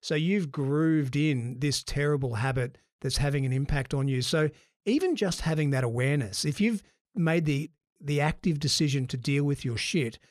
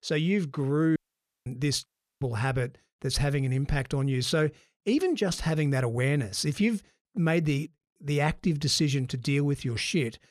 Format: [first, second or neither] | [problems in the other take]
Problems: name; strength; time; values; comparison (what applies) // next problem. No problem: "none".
first | audio cutting out; at 1 s for 0.5 s and at 2 s